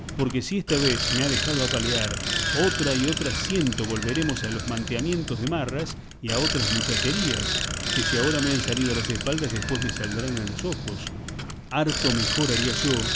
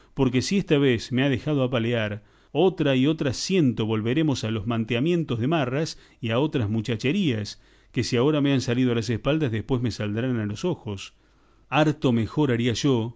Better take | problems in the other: second | background sound (Bicycle); 1 dB below the speech

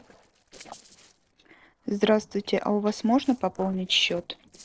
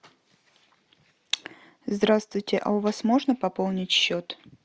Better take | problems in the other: second | noise reduction (neural separator model SepFormer DNS4)

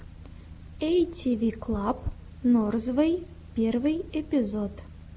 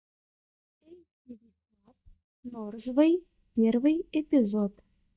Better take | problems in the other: first | noise reduction (neural mask model DeepFilterNet 3)

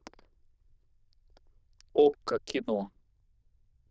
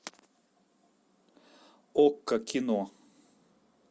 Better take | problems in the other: second | noise reduction (neural diffusion model UNIVERSE++)

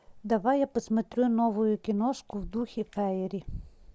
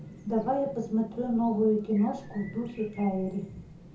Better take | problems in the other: first | background sound (Chirp, tweet); 17 dB below the speech // room echo; dies away in 0.5 s

